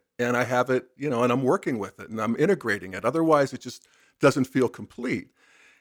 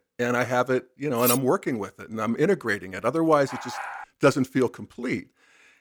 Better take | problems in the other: first | clattering dishes; noticeable; at 1 s; peak 1 dB below the speech // dog barking; noticeable; at 3.5 s; peak 9 dB below the speech

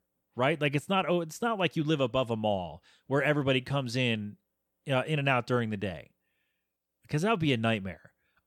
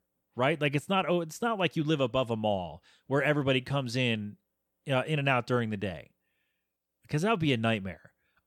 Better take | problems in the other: neither | none

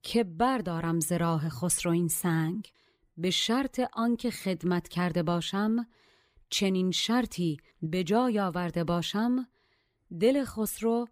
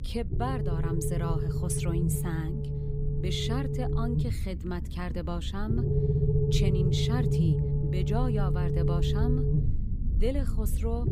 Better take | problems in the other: first | low rumble; loud; throughout; as loud as the speech

